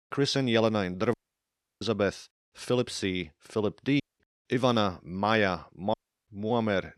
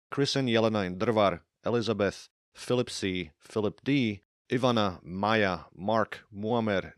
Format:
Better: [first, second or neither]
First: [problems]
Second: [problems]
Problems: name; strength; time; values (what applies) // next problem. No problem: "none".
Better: second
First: audio cutting out; at 1 s for 0.5 s, at 4 s and at 6 s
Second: none